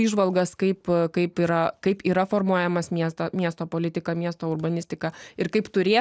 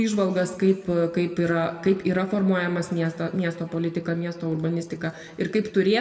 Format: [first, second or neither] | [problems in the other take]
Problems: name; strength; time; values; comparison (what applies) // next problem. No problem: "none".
first | room echo; dies away in 1.7 s